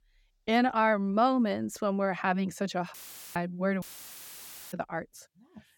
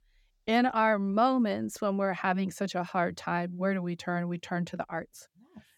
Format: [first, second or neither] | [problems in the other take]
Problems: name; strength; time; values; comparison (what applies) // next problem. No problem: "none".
second | audio cutting out; filled with static; at 3 s and at 4 s for 1 s